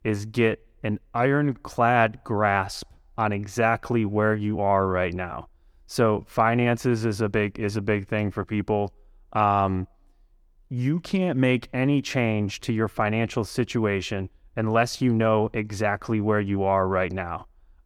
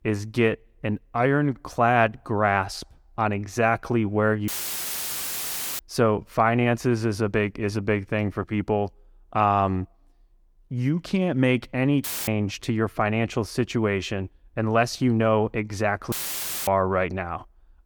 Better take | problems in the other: first | audio cutting out; filled with static; at 4.5 s for 1.5 s, at 12 s and at 16 s for 0.5 s

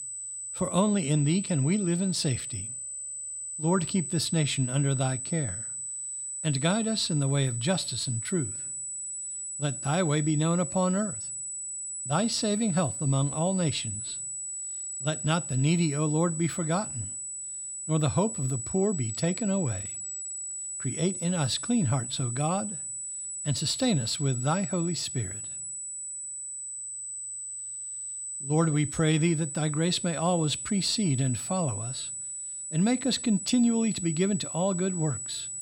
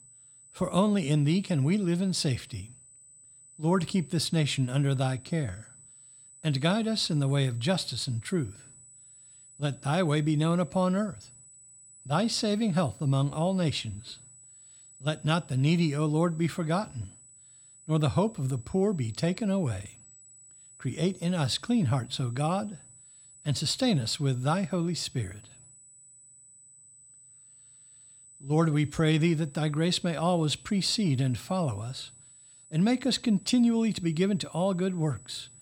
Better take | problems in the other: second | high-pitched whine; loud; throughout; 8 kHz, 5 dB below the speech; faint in the second

